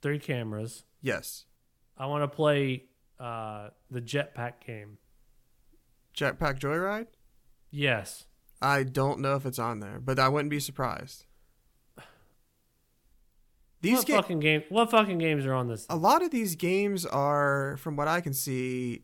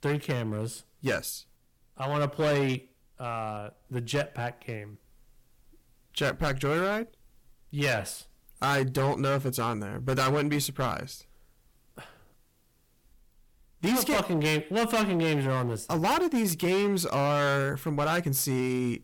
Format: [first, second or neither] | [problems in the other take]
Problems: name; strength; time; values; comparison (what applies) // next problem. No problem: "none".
first | distortion; heavy; 11% of the sound clipped